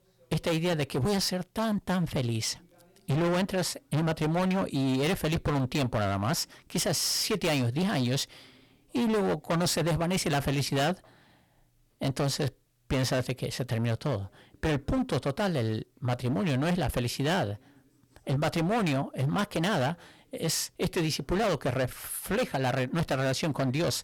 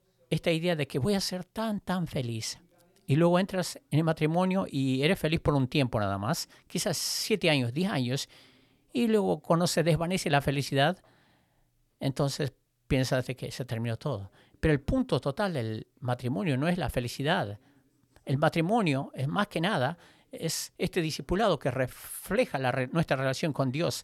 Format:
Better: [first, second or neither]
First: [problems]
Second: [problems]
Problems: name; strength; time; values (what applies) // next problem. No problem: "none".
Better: second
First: distortion; heavy; 19% of the sound clipped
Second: none